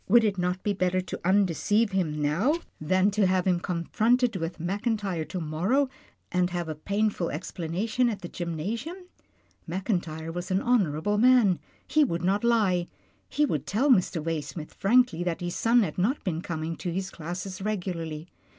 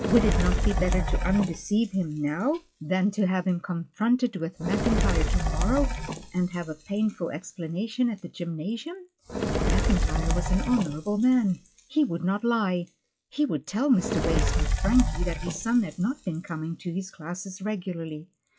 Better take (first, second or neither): first